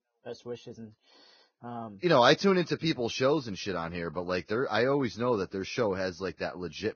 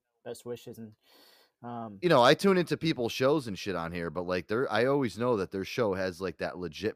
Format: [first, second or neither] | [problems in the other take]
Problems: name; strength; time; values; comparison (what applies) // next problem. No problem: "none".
second | garbled, watery; badly; nothing above 6 kHz